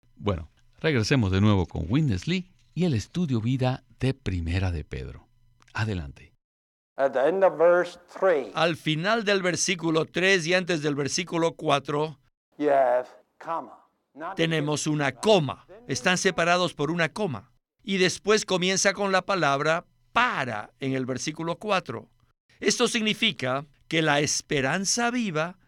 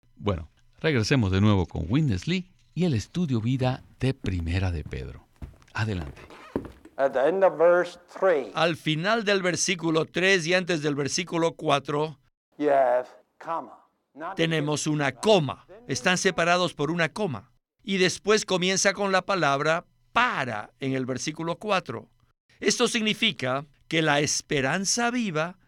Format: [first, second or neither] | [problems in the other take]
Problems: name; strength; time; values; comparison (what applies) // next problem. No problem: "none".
first | footsteps; faint; from 3.5 to 6.5 s; peak 10 dB below the speech